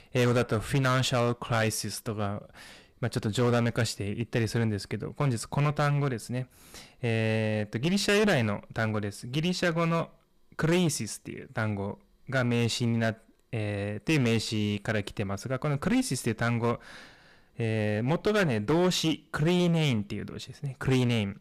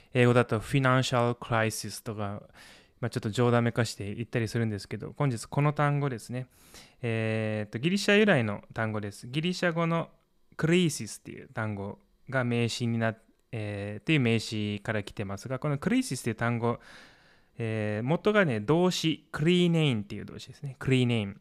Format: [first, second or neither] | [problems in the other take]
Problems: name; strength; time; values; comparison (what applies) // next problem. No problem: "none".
second | distortion; heavy; 10% of the sound clipped